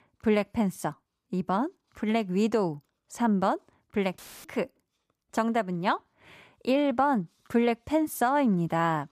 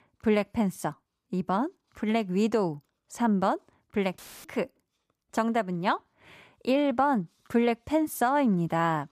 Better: neither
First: audio cutting out; filled with static; at 4 s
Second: audio cutting out; filled with static; at 4 s

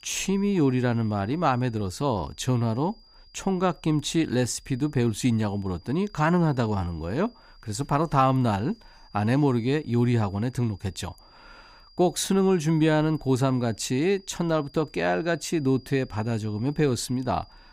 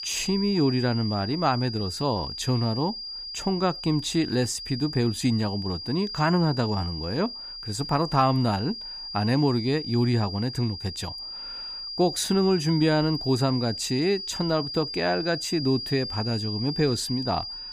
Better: first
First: high-pitched whine; faint; throughout; 5 kHz, 30 dB below the speech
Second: high-pitched whine; loud; throughout; 5 kHz, 7 dB below the speech

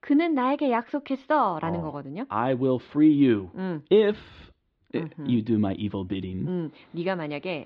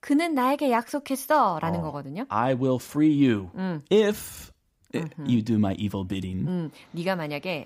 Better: second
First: muffled; slightly; fading above 4 kHz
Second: none

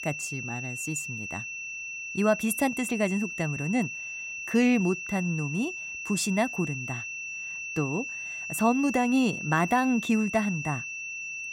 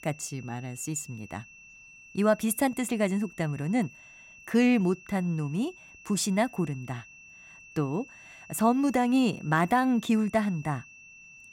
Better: second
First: high-pitched whine; loud; throughout; 2.5 kHz, 6 dB below the speech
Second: high-pitched whine; faint; throughout; 2.5 kHz, 20 dB below the speech

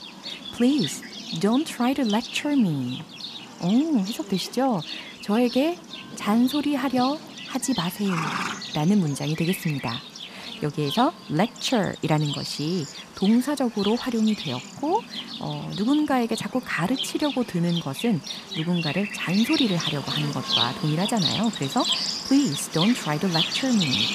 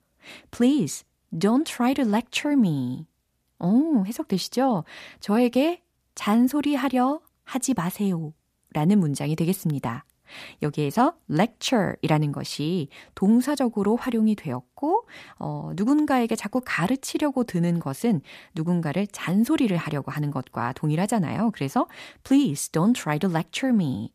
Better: second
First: animal sounds; loud; throughout; 6 dB below the speech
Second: none

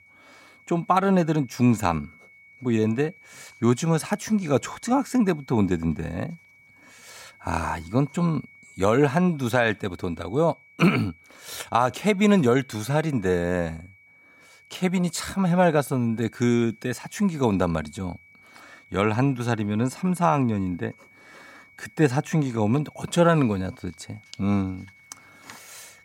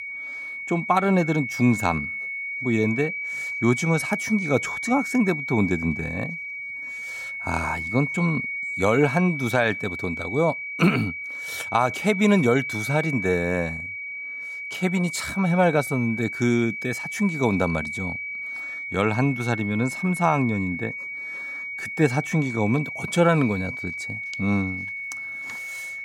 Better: first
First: high-pitched whine; faint; throughout; 2.5 kHz, 25 dB below the speech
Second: high-pitched whine; loud; throughout; 2.5 kHz, 6 dB below the speech

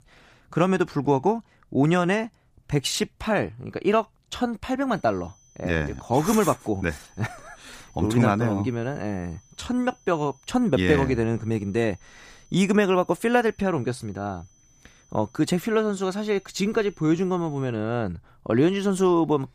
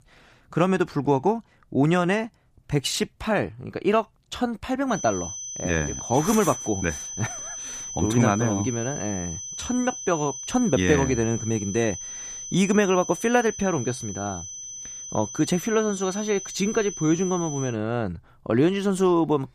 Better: first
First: high-pitched whine; faint; from 5 to 18 s; 6 kHz, 30 dB below the speech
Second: high-pitched whine; loud; from 5 to 18 s; 6 kHz, 8 dB below the speech

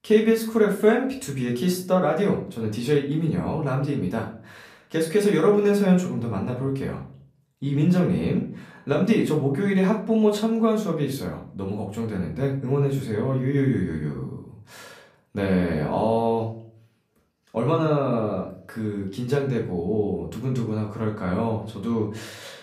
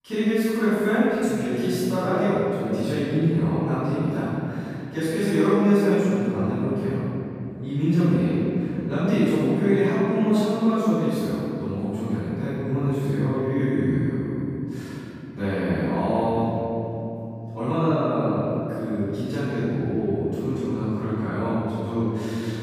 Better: first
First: room echo; slight; dies away in 0.4 s // off-mic speech; far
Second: room echo; strong; dies away in 3 s // off-mic speech; far

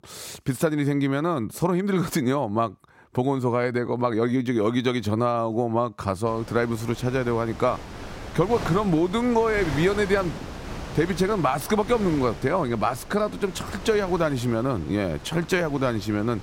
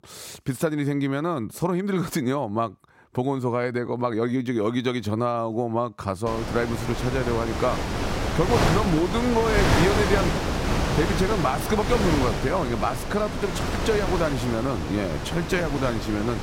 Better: first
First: wind noise on the microphone; occasional gusts; from 6.5 s on; 15 dB below the speech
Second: wind noise on the microphone; heavy; from 6.5 s on; 1 dB below the speech

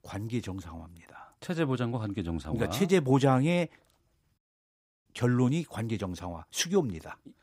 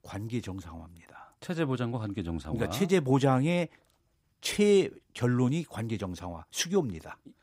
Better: second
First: audio cutting out; at 4.5 s for 0.5 s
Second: none

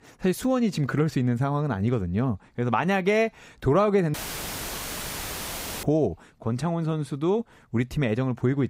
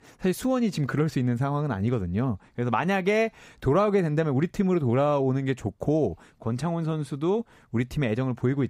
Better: second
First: audio cutting out; filled with static; at 4 s for 1.5 s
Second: none

